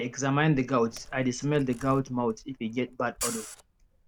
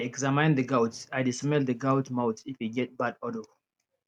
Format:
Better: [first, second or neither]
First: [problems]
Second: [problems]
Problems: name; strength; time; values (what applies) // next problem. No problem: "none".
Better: second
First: background sound (Camera); 16 dB below the speech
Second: none